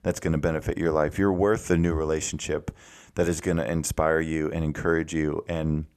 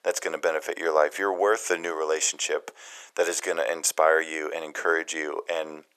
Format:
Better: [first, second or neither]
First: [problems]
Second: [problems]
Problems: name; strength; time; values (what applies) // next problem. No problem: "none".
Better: first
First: none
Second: thin; very; fading below 500 Hz